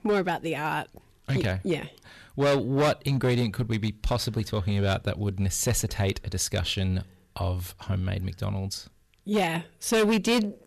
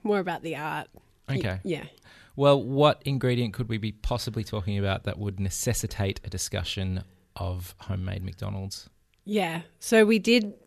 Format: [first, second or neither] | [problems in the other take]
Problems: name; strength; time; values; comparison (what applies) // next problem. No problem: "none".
second | distortion; heavy; 6% of the sound clipped